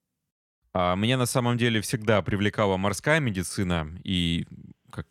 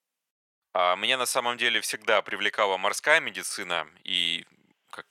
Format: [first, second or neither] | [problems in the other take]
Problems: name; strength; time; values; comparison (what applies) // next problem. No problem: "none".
first | thin; very; fading below 700 Hz